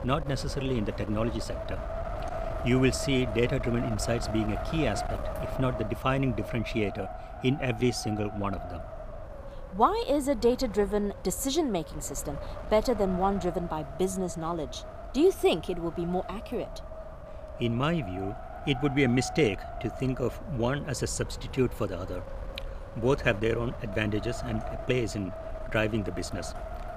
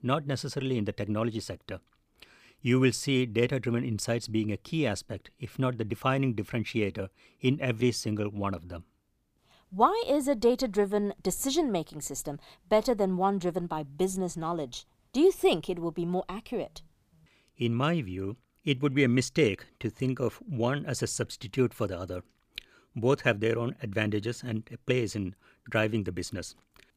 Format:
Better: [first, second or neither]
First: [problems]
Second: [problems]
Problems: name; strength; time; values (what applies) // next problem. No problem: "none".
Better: second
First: wind noise on the microphone; heavy; 9 dB below the speech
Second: none